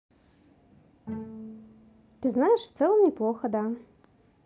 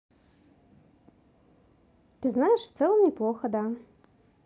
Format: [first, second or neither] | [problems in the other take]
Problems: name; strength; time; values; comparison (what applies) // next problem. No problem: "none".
second | background sound (Bowed string instrument); 16 dB below the speech